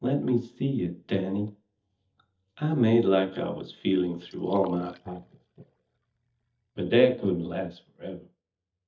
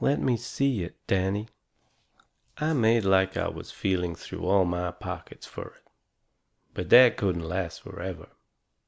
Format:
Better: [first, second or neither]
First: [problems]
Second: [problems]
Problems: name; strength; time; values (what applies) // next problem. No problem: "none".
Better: second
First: noise reduction (neural mask model DeepFilterNet 3)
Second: none